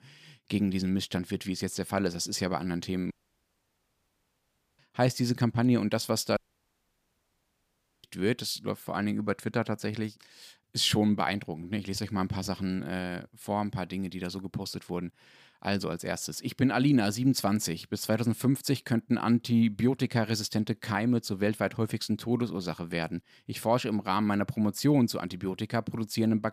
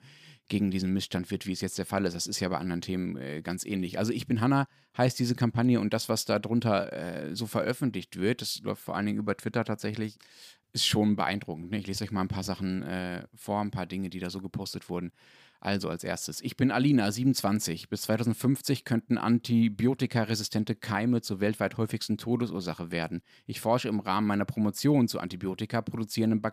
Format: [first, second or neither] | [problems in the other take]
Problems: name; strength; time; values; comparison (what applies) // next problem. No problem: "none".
second | audio cutting out; at 3 s for 1.5 s and at 6.5 s for 1.5 s